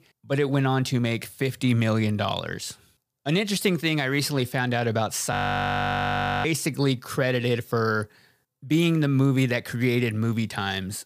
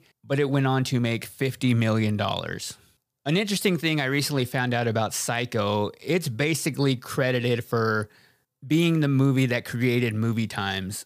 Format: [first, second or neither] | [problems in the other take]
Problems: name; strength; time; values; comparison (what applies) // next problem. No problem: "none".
second | audio freezing; at 5.5 s for 1 s